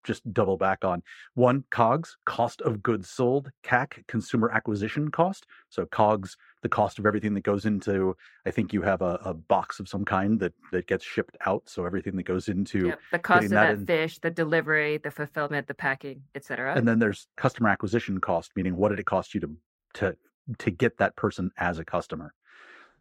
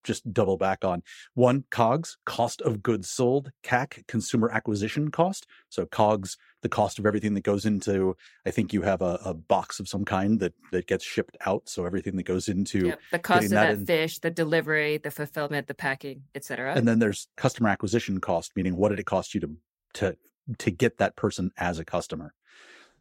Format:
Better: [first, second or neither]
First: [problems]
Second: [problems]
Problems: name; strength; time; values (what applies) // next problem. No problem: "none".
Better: second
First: muffled; slightly; fading above 4 kHz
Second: none